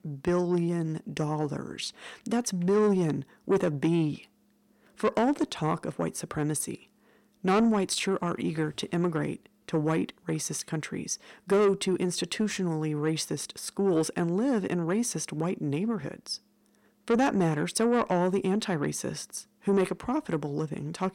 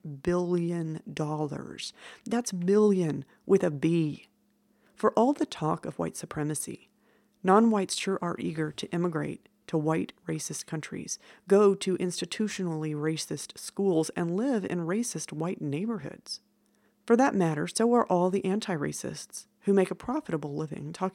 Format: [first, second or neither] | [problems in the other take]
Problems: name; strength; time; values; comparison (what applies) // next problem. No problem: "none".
second | distortion; slight; 10 dB below the speech